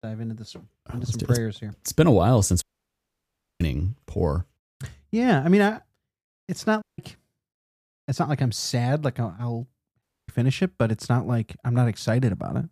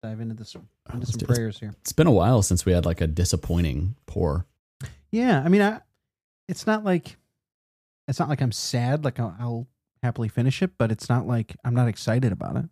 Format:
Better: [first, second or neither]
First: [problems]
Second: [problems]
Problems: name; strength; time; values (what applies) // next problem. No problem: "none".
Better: second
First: audio cutting out; at 2.5 s for 1 s, at 7 s and at 10 s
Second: none